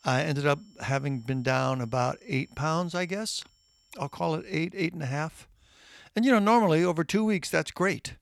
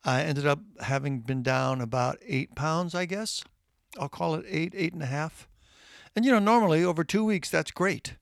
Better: second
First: high-pitched whine; faint; until 4.5 s; 5.5 kHz, 35 dB below the speech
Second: none

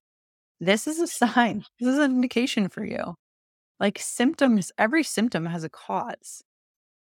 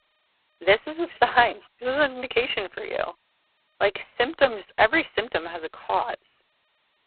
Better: first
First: none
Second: phone-call audio; poor line; nothing above 4 kHz

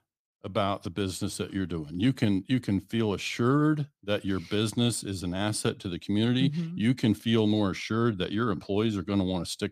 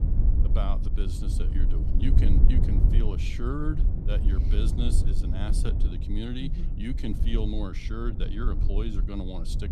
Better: first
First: none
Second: low rumble; loud; throughout; 5 dB below the speech

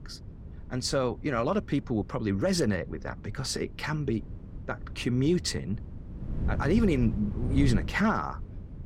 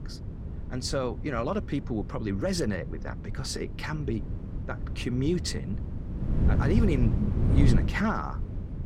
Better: first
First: wind noise on the microphone; occasional gusts; 20 dB below the speech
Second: wind noise on the microphone; heavy; 9 dB below the speech

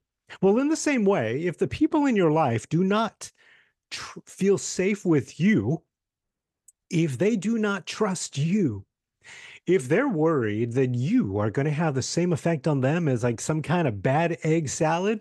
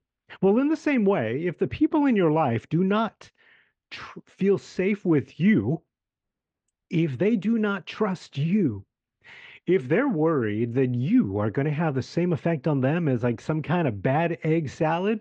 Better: first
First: none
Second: muffled; slightly; fading above 3.5 kHz

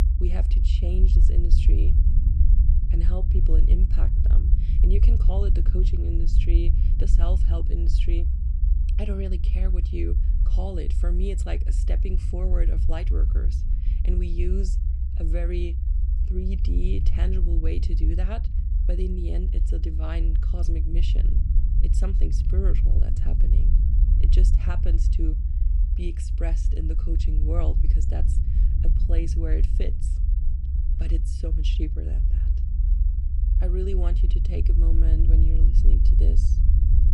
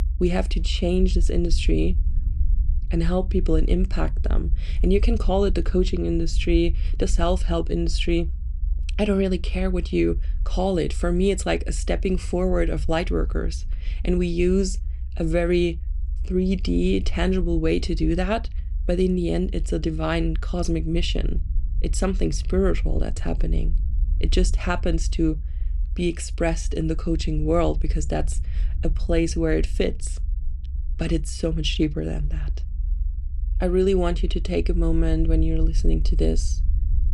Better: second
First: low rumble; loud; throughout; 4 dB below the speech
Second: low rumble; faint; throughout; 20 dB below the speech

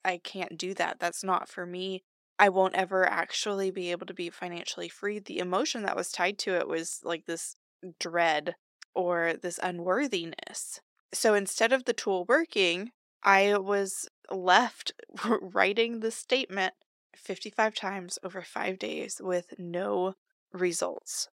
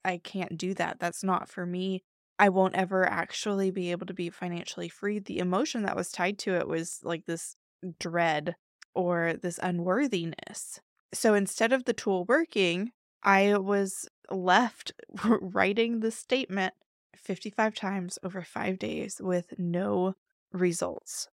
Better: second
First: thin; somewhat; fading below 300 Hz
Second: none

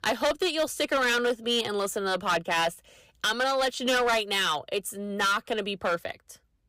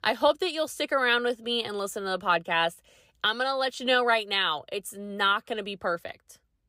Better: second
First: distortion; heavy; 11% of the sound clipped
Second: none

